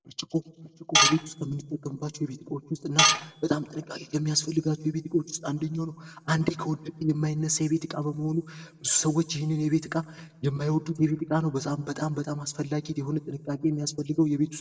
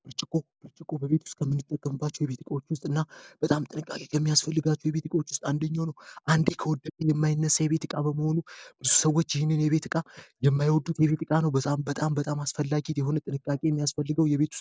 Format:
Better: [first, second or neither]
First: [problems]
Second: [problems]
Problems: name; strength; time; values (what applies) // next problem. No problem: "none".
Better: second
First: background sound (Tools); 4 dB above the speech // room echo; dies away in 0.7 s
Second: none